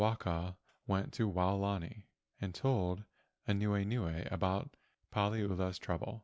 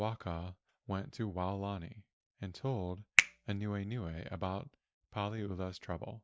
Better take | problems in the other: first | noise reduction (neural mask model DeepFilterNet 3)

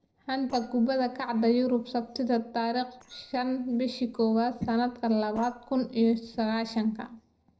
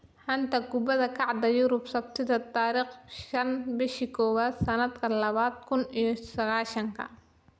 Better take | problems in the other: second | noise reduction (neural separator model SepFormer DNS4)

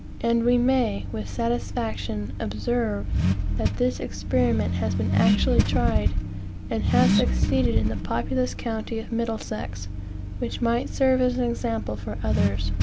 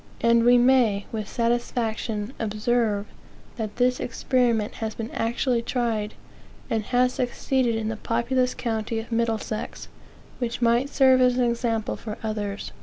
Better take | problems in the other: second | background sound (Accelerating, revving, vroom / Car); as loud as the speech

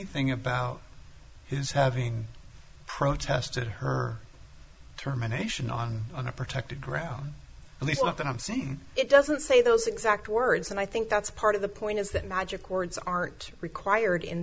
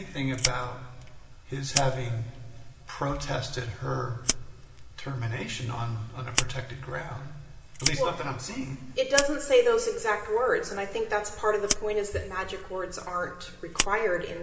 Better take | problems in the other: first | background sound (Fire); 6 dB below the speech // room echo; dies away in 2.5 s

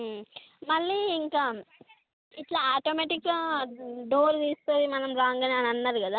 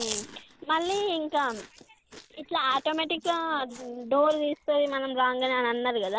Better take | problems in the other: first | background sound (Chewing, mastication); 17 dB below the speech

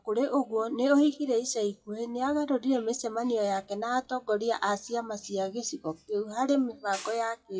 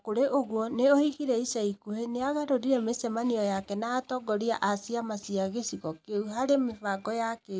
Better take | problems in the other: second | noise reduction (classical method WPE with log-MMSE)

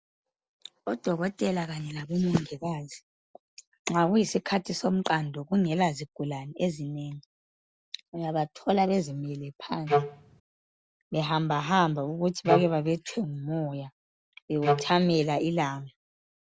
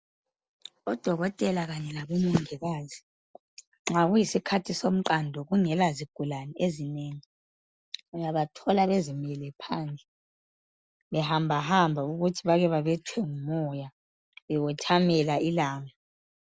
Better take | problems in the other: second | background sound (Wind instrument, woodwind instrument); 1 dB above the speech

